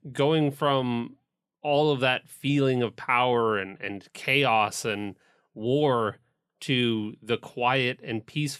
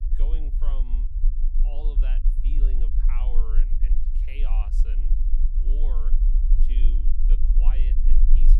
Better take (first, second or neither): first